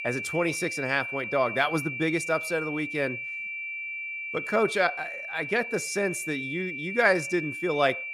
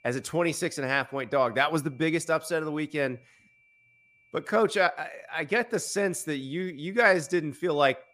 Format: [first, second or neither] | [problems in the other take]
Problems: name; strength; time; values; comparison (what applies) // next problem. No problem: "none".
second | high-pitched whine; loud; throughout; 2.5 kHz, 5 dB below the speech; faint in the second